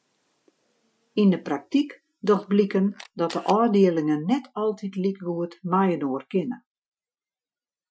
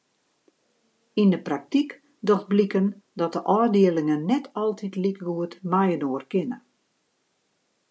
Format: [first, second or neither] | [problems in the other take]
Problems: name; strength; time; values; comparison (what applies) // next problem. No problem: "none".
second | noise reduction (classical method Wiener filter)